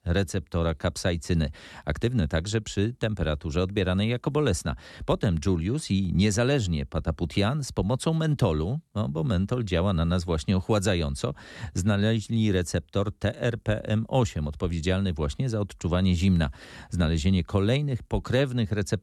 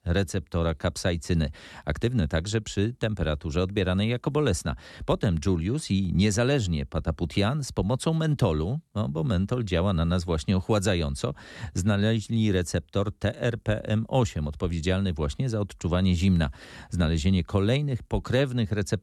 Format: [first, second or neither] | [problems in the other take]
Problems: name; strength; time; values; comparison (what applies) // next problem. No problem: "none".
neither | none